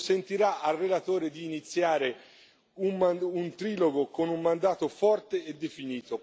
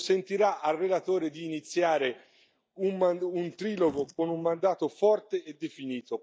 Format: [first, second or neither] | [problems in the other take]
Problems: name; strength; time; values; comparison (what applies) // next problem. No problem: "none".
first | noise reduction (neural mask model DeepFilterNet 3)